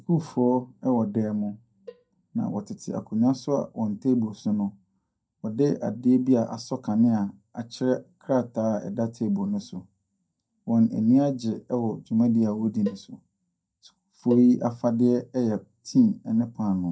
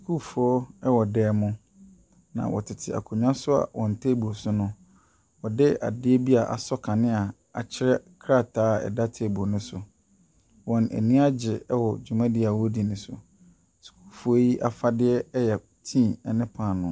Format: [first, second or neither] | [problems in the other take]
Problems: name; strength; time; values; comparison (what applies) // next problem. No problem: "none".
second | noise reduction (neural mask model DeepFilterNet 3)